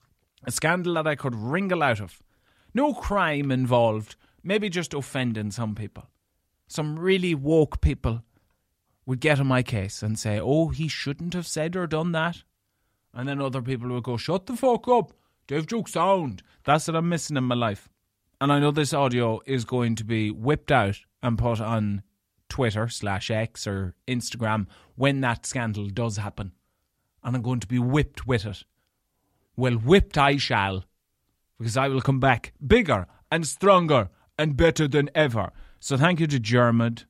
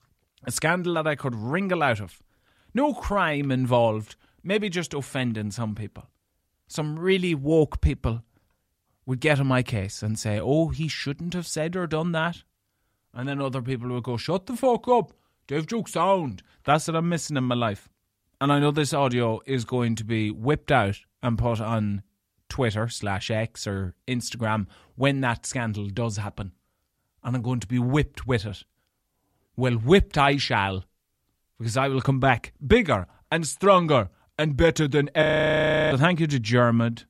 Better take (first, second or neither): first